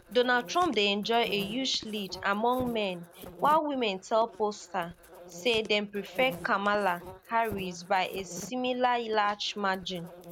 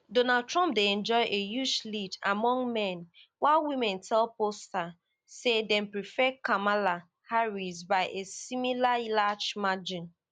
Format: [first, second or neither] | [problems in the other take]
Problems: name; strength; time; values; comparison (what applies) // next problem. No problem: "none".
second | background sound (Insect); 17 dB below the speech